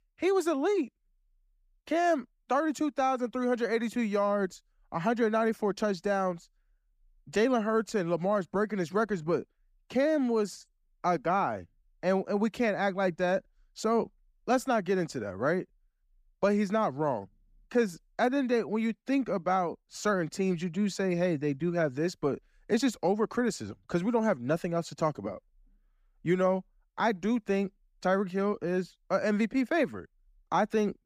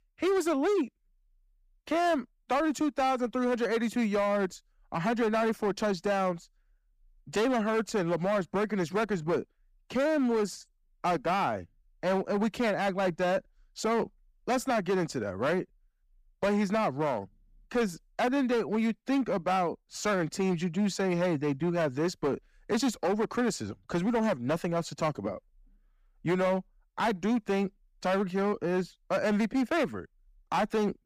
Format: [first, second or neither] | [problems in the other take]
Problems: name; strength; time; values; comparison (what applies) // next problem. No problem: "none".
first | distortion; slight; 12% of the sound clipped